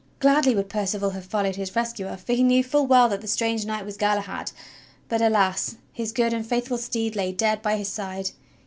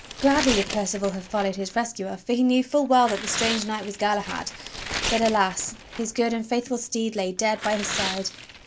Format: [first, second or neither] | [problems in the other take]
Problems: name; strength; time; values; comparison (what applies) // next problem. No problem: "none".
first | background sound (Tearing); 9 dB below the speech